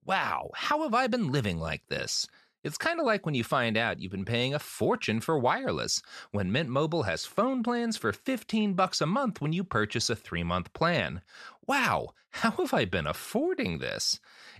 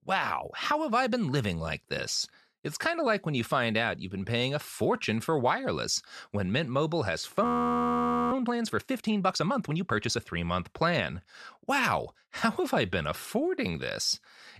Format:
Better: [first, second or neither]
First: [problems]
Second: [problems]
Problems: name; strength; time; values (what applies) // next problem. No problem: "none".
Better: first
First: none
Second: audio freezing; at 7.5 s for 1 s